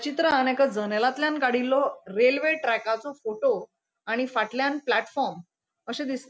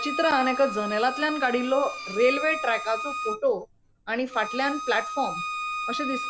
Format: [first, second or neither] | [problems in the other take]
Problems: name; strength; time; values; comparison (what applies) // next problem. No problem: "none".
first | background sound (Bowed string instrument); 7 dB below the speech